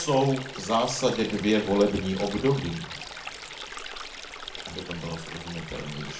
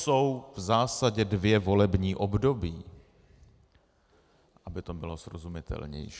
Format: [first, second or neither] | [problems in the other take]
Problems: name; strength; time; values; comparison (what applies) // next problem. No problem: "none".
second | background sound (Stream); 11 dB below the speech // room echo; dies away in 0.4 s